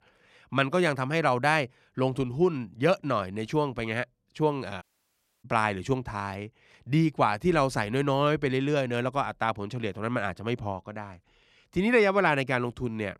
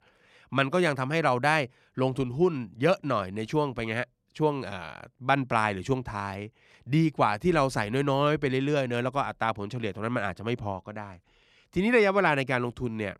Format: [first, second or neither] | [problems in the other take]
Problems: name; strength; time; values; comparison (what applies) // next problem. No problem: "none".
second | audio cutting out; at 5 s for 0.5 s